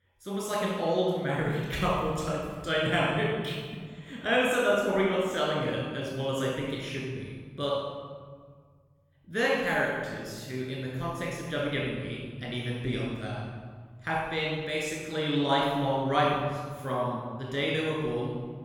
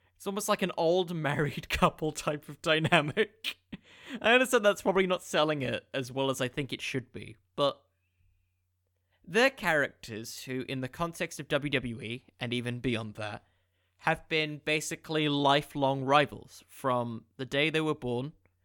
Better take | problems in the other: second | off-mic speech; far // room echo; strong; dies away in 1.7 s

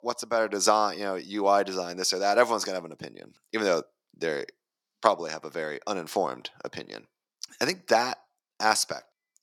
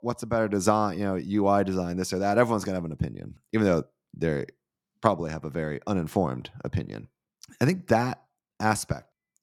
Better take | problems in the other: second | thin; somewhat; fading below 450 Hz

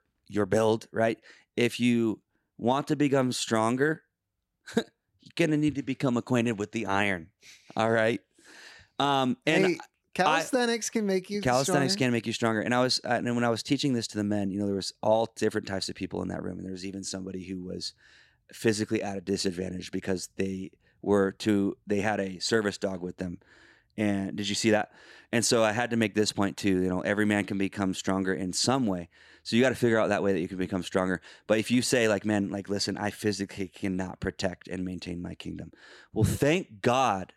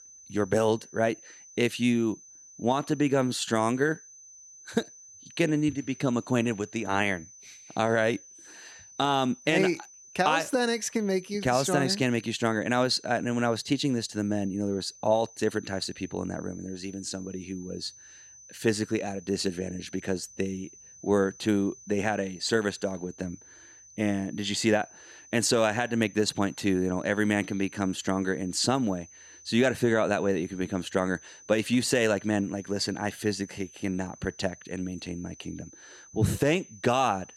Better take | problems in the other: first | high-pitched whine; faint; throughout; 6 kHz, 20 dB below the speech

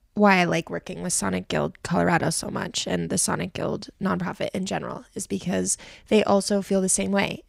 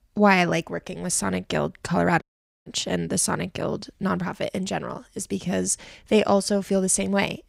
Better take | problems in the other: first | audio cutting out; at 2 s

